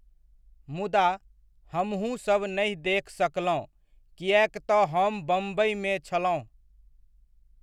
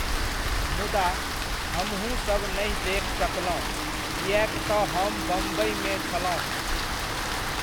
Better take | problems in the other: first | background sound (Rain); 2 dB above the speech

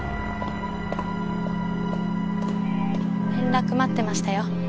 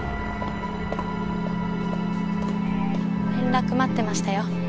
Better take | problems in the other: first | background sound (Bowed string instrument + Drum / Drum kit); 15 dB below the speech

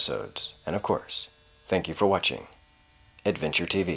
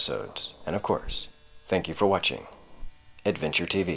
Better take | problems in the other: first | background sound (Growling); 14 dB below the speech

